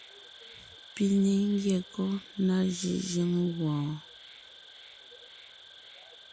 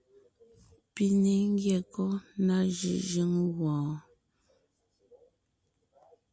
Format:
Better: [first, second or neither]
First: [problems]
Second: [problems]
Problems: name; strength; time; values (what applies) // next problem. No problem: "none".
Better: second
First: background sound (Insect); 20 dB below the speech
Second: none